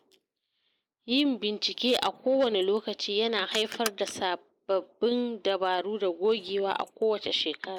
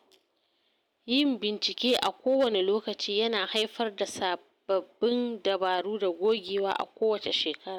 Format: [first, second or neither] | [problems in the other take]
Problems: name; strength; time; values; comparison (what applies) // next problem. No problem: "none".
second | noise reduction (neural mask model Resemble Enhance denoiser)